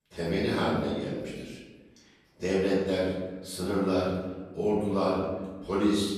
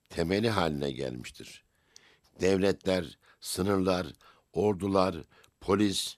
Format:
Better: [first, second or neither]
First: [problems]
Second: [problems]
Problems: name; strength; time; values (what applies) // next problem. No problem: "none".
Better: second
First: off-mic speech; far // room echo; noticeable; dies away in 1.3 s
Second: none